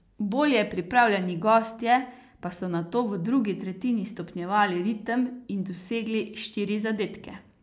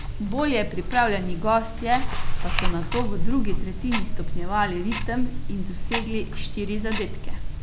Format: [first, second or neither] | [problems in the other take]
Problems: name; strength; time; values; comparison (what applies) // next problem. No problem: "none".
first | background sound (Tick-tock); 4 dB above the speech